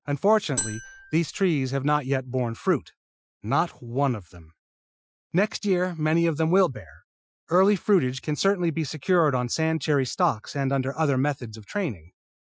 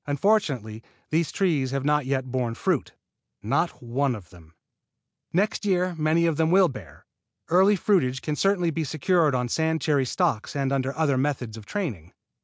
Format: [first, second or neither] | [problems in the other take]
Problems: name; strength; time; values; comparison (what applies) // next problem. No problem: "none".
second | noise reduction (classical method Wiener filter)